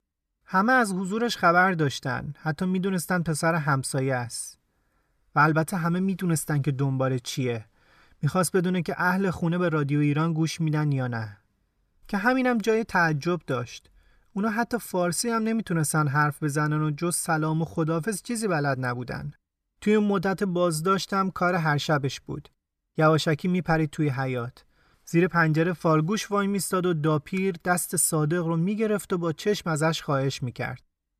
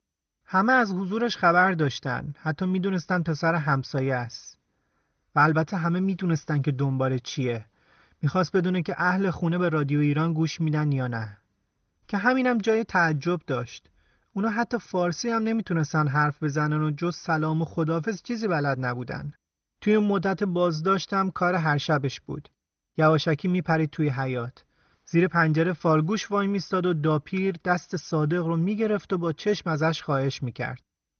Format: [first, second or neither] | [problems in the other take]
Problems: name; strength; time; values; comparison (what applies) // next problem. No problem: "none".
first | garbled, watery; slightly; nothing above 6.5 kHz